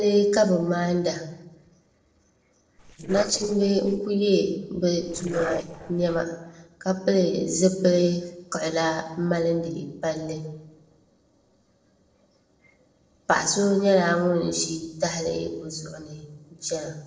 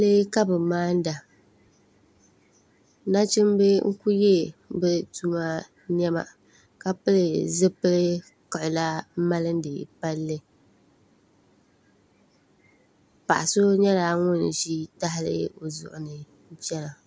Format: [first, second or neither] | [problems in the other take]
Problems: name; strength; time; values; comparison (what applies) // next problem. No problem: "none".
second | noise reduction (neural separator model SepFormer DNS4)